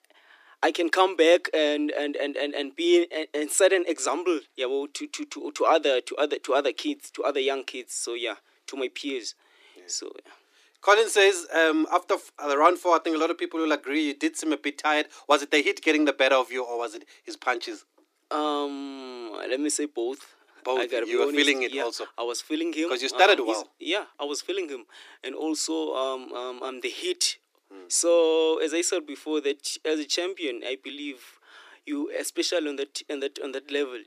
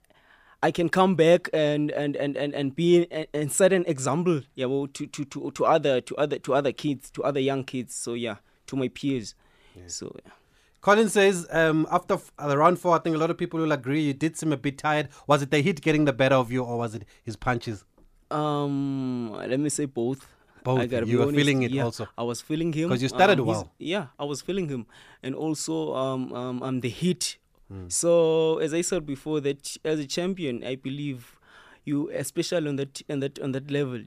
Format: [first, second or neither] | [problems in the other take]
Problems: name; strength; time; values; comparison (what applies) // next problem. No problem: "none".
second | thin; somewhat; fading below 300 Hz